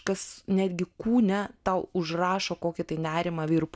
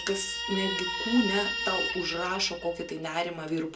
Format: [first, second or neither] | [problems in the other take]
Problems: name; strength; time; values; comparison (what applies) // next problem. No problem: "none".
first | background sound (Guitar); 4 dB below the speech // room echo; dies away in 0.2 s